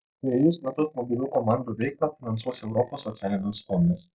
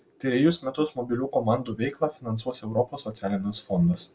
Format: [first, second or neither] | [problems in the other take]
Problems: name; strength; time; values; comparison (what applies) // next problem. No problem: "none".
second | noise reduction (neural mask model Resemble Enhance denoiser)